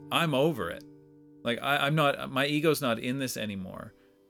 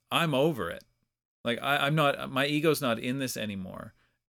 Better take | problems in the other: second | background music; faint; throughout; 25 dB below the speech

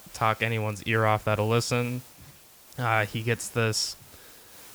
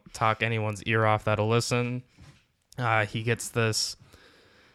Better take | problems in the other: second | hiss; noticeable; throughout; 20 dB below the speech

